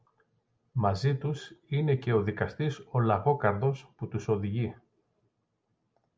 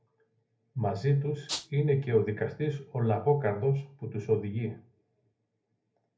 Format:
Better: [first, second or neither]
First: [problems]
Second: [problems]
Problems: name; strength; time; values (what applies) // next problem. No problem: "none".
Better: first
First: none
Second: background sound (Rattle (instrument)); 6 dB below the speech // room echo; dies away in 0.3 s